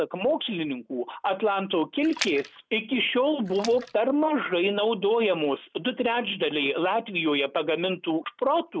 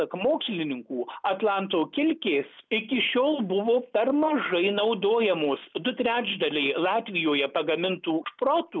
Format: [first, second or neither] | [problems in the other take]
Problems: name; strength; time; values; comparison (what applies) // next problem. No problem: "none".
second | noise reduction (neural mask model RNNoise)